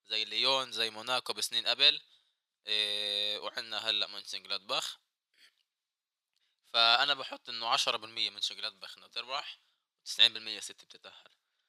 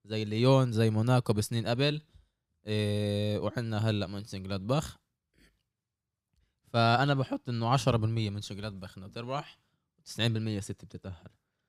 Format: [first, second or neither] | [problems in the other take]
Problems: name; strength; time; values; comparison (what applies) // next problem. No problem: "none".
second | thin; very; fading below 850 Hz